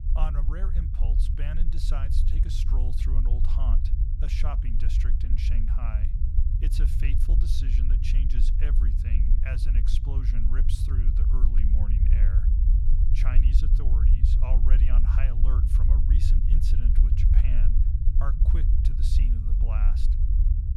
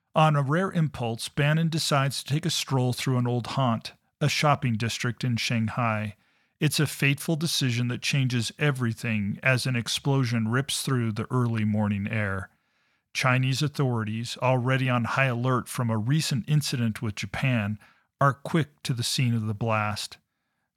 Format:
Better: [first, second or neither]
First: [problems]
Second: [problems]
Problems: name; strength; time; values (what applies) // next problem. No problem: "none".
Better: second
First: low rumble; loud; throughout; 1 dB below the speech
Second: none